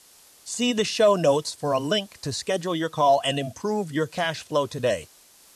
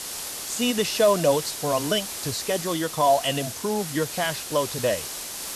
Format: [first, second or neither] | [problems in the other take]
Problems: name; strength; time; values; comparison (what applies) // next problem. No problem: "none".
first | hiss; loud; throughout; 7 dB below the speech; faint in the first